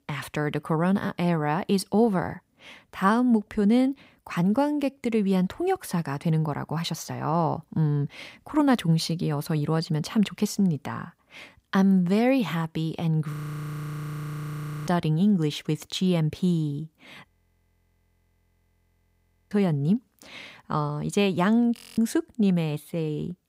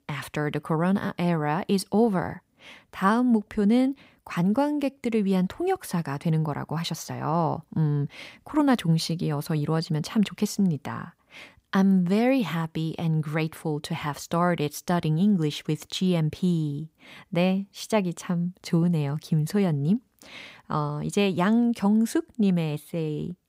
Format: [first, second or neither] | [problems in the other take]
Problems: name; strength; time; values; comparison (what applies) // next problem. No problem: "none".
second | audio freezing; at 13 s for 1.5 s, at 17 s for 2 s and at 22 s